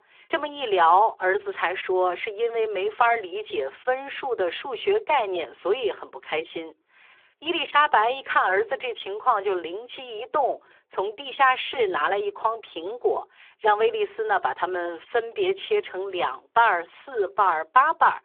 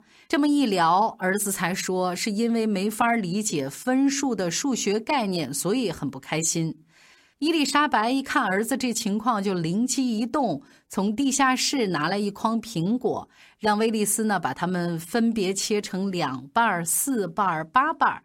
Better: second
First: phone-call audio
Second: none

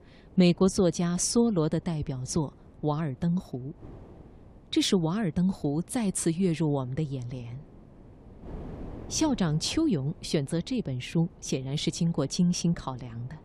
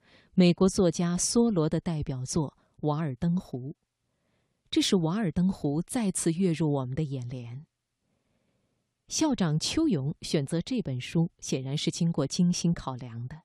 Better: second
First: wind noise on the microphone; occasional gusts; 25 dB below the speech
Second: none

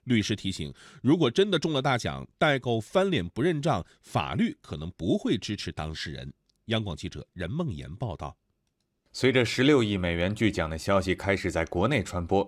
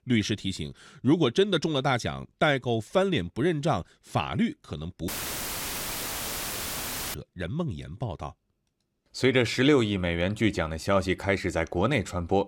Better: first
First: none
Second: audio cutting out; filled with static; at 5 s for 2 s

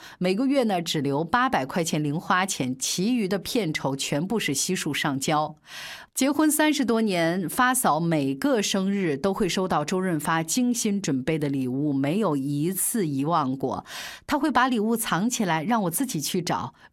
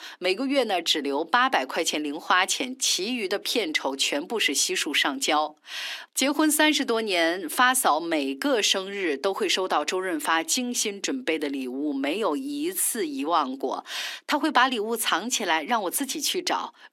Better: first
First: none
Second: thin; very slightly; fading below 250 Hz

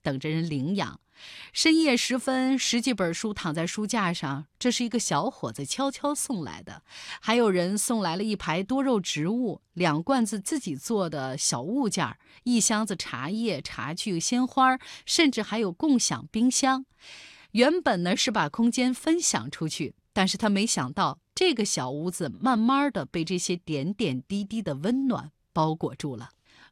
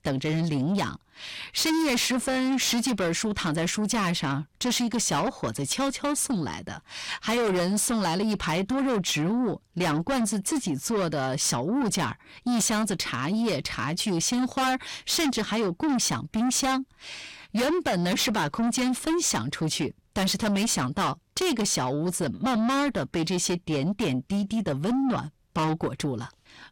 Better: first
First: none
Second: distortion; heavy; 6 dB below the speech

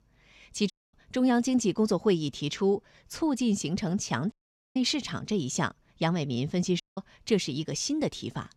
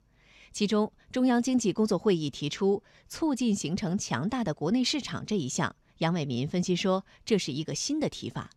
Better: second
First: audio cutting out; at 0.5 s, at 4.5 s and at 7 s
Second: none

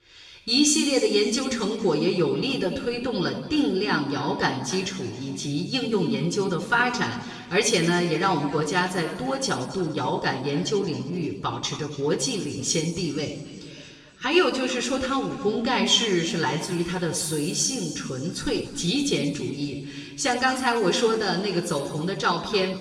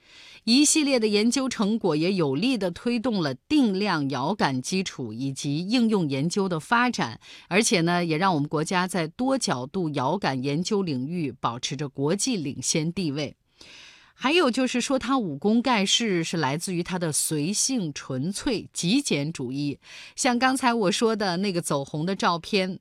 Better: second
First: room echo; noticeable; dies away in 1.9 s // off-mic speech; far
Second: none

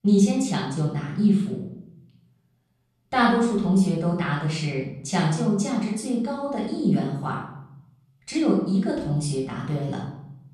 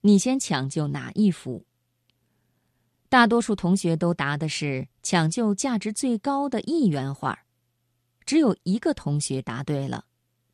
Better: second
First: room echo; noticeable; dies away in 0.7 s // off-mic speech; far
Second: none

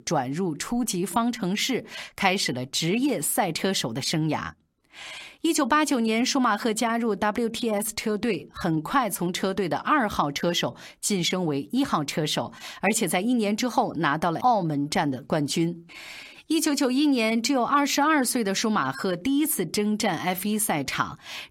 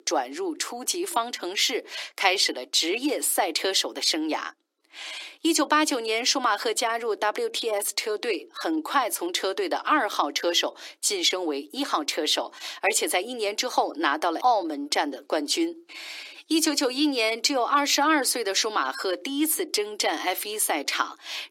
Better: first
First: none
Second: thin; somewhat; fading below 300 Hz

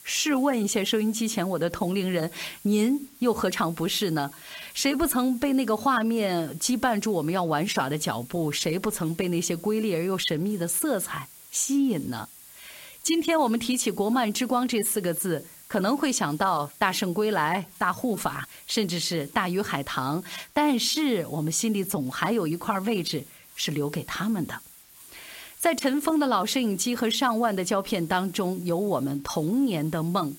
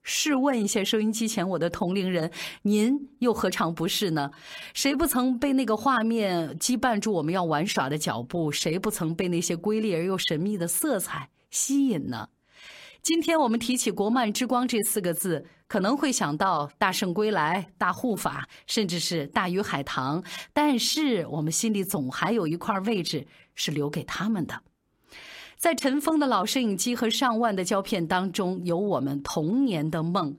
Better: second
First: hiss; noticeable; throughout; 20 dB below the speech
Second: none

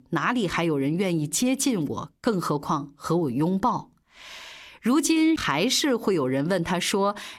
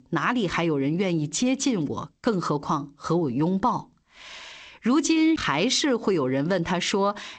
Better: first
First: none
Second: garbled, watery; slightly; nothing above 8 kHz

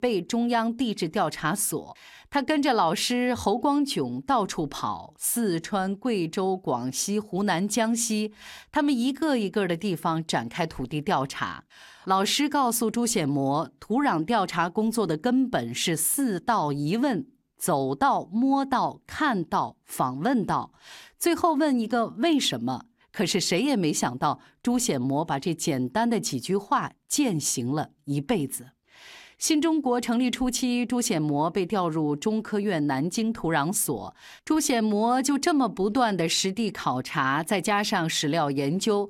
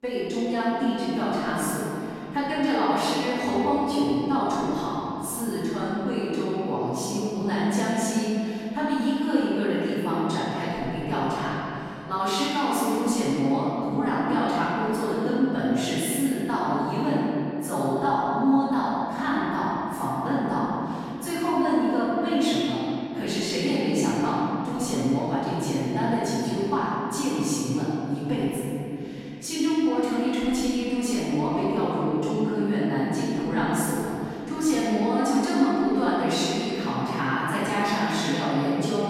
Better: first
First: none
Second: off-mic speech; far // room echo; strong; dies away in 3 s

